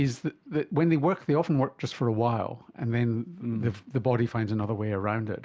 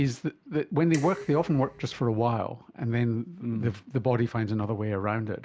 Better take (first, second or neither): first